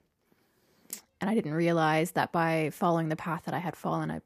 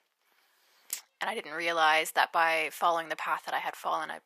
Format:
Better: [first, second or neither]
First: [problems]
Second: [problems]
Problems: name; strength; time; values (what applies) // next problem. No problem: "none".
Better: first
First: none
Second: thin; very; fading below 950 Hz